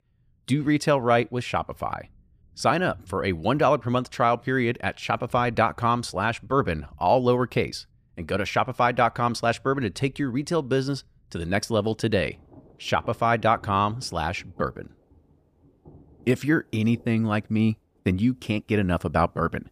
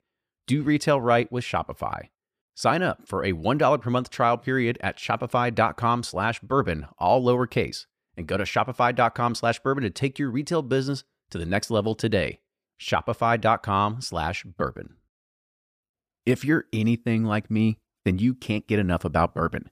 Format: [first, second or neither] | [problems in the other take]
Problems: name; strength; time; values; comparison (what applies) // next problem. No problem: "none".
second | rain or running water; faint; throughout; 30 dB below the speech